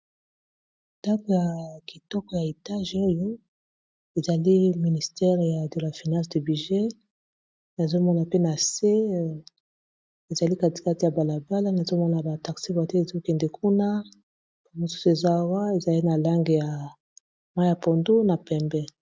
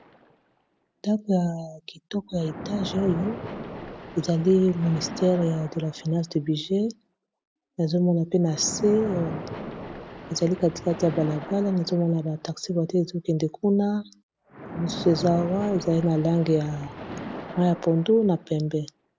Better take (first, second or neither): first